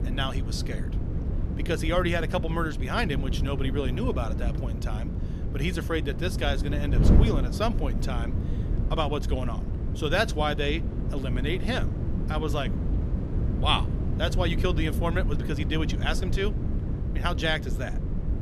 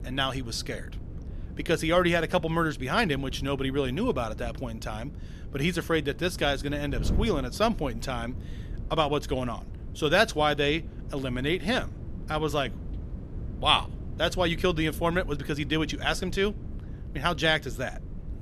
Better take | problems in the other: second | wind noise on the microphone; heavy; 9 dB below the speech; occasional gusts in the second

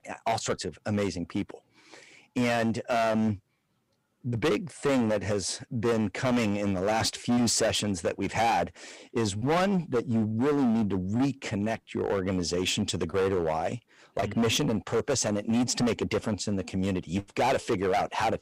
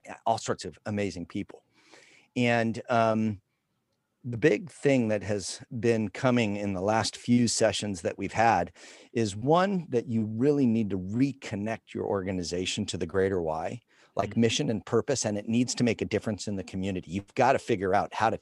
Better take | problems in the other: second | distortion; heavy; 12% of the sound clipped

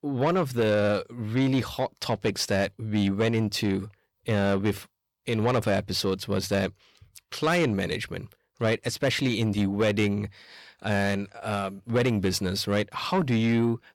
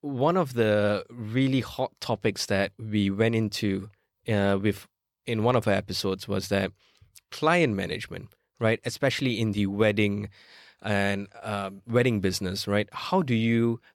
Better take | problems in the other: second | distortion; slight; 10 dB below the speech

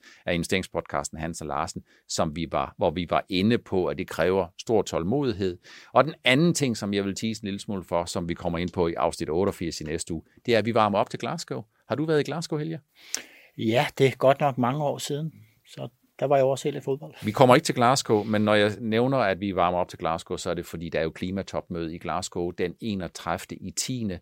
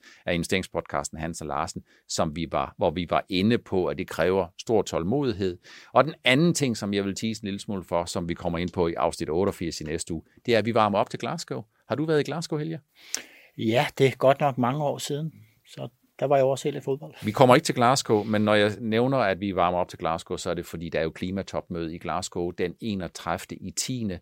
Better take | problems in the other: neither | none

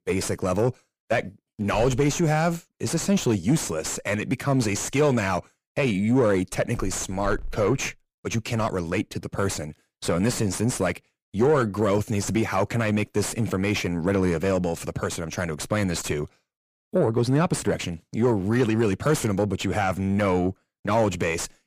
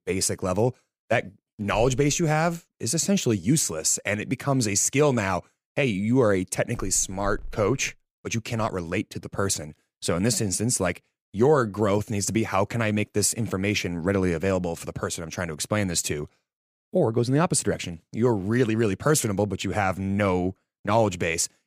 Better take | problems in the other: second | distortion; slight; 9 dB below the speech

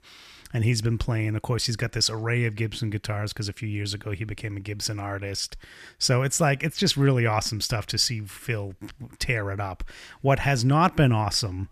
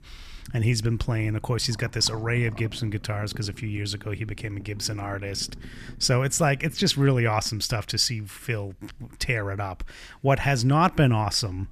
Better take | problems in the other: first | low rumble; faint; throughout; 25 dB below the speech

